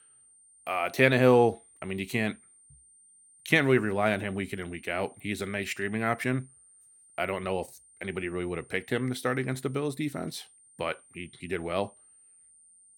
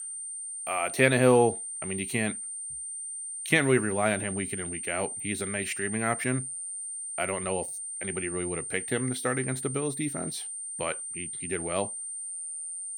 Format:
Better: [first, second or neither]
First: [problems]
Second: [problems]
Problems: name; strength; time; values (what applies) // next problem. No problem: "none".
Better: first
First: high-pitched whine; faint; throughout; 9 kHz, 25 dB below the speech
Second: high-pitched whine; loud; throughout; 9 kHz, 5 dB below the speech